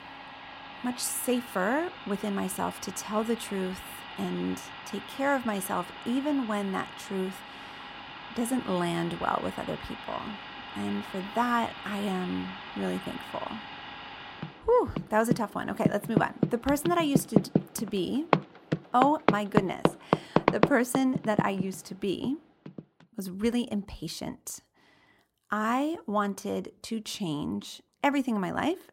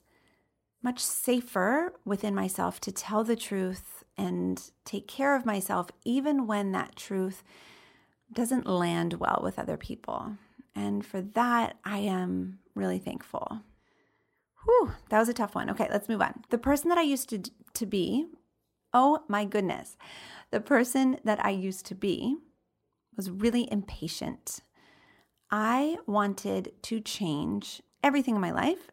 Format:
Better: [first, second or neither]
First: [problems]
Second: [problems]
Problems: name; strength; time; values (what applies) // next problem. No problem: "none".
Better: second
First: household noises; loud; until 22 s; 4 dB below the speech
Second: none